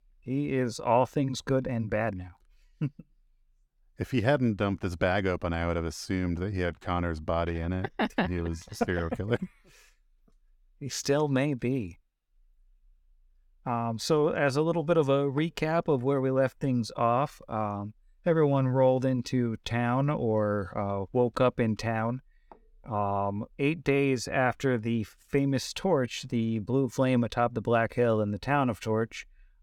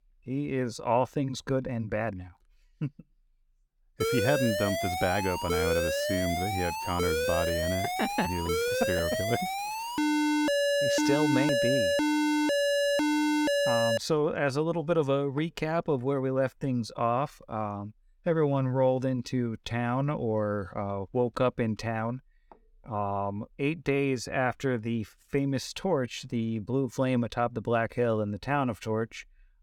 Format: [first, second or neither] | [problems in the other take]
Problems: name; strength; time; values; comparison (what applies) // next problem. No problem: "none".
first | alarm; loud; from 4 to 14 s; peak 5 dB above the speech